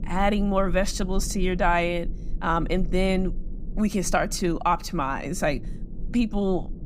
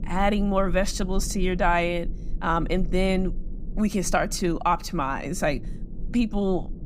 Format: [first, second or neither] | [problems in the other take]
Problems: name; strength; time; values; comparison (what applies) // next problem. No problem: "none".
neither | low rumble; faint; throughout; 25 dB below the speech; the same in both